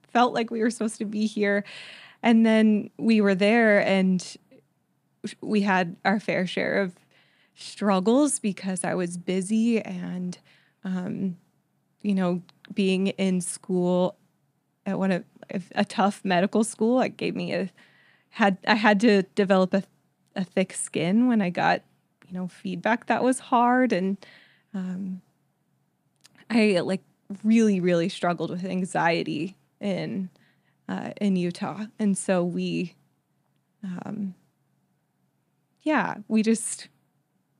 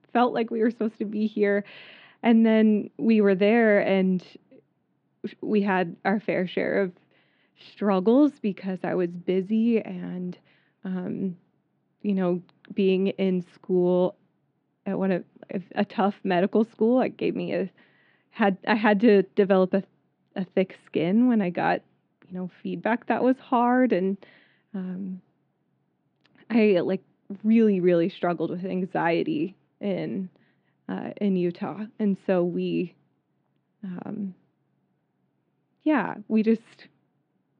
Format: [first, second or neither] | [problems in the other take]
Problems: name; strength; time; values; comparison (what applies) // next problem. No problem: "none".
first | muffled; slightly; fading above 3.5 kHz